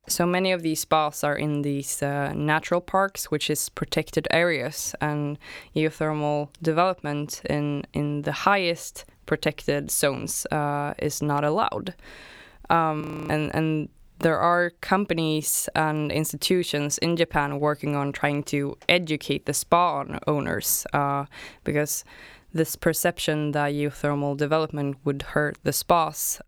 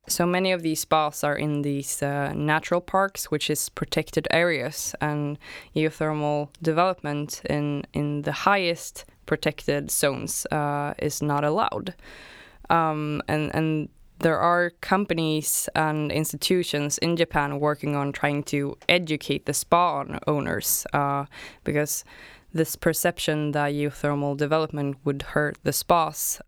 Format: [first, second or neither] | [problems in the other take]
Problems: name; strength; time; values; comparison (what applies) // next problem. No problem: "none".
second | audio freezing; at 13 s